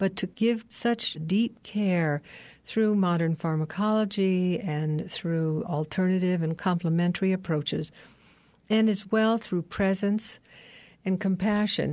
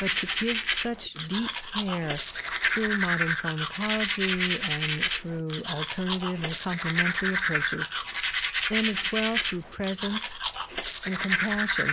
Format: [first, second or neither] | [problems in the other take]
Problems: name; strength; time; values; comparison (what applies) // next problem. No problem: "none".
first | background sound (Domestic sounds, home sounds); 2 dB above the speech